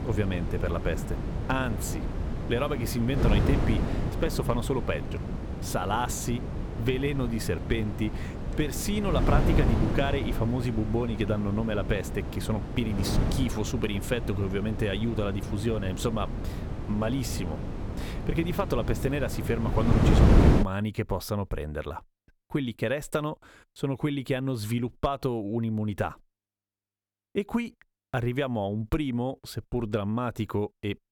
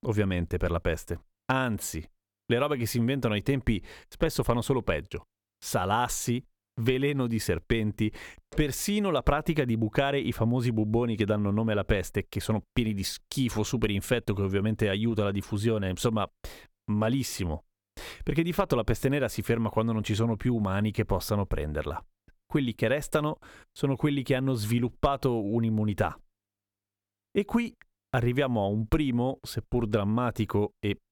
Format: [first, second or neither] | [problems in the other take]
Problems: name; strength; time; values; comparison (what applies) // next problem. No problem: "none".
second | wind noise on the microphone; heavy; until 21 s; 4 dB below the speech